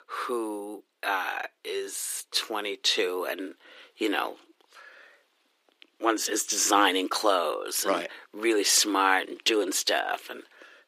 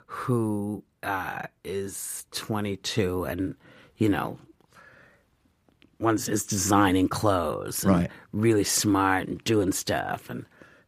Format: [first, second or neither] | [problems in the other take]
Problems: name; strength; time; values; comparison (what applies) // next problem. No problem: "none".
second | thin; somewhat; fading below 350 Hz